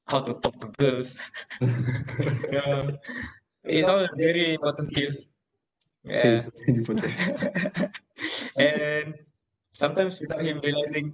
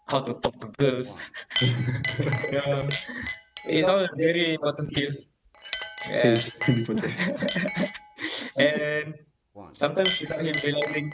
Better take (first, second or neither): first